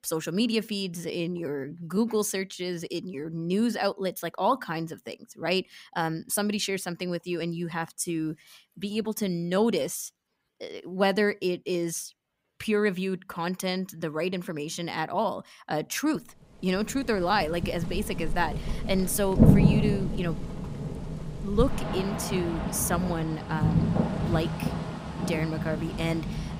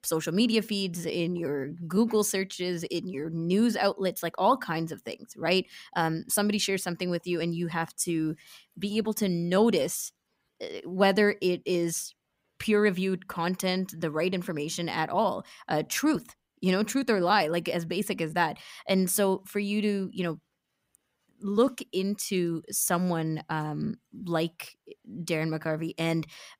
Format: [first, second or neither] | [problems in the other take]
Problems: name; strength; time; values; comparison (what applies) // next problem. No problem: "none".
second | rain or running water; very loud; from 17 s on; as loud as the speech